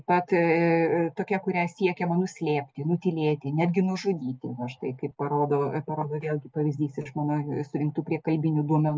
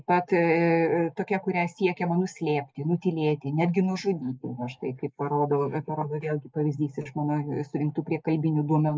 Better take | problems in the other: first | noise reduction (neural mask model Resemble Enhance denoiser)

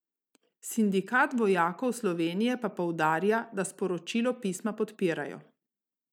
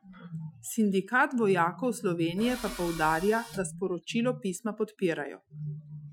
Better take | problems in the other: first | noise reduction (classical method Wiener filter)

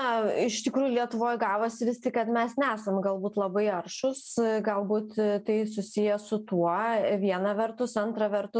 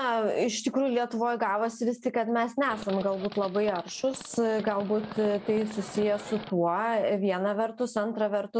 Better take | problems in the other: first | background sound (Livestock, farm animals, working animals); 15 dB below the speech

